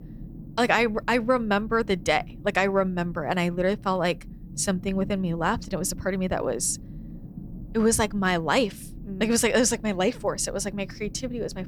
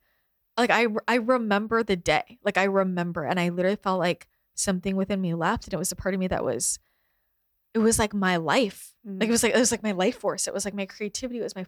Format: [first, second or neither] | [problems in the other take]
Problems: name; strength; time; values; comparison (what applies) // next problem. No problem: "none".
second | low rumble; faint; throughout; 25 dB below the speech